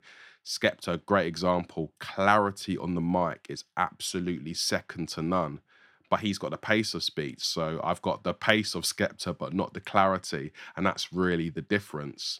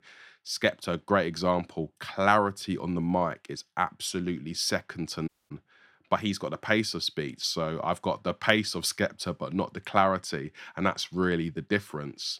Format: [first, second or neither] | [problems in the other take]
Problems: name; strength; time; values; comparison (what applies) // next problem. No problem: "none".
first | audio cutting out; at 5.5 s